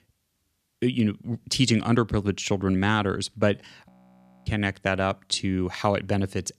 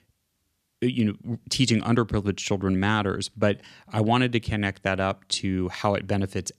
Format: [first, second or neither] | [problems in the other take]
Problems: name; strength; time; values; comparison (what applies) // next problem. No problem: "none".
second | audio freezing; at 4 s for 0.5 s